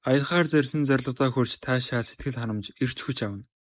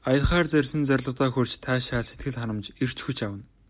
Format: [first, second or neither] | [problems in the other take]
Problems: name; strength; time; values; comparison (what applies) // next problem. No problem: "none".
second | noise reduction (neural mask model Resemble Enhance denoiser)